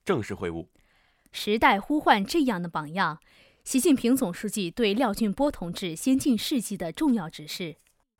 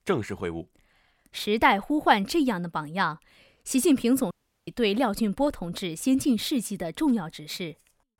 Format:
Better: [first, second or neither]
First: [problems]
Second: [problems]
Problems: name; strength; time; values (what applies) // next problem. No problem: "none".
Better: first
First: none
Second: audio cutting out; at 4.5 s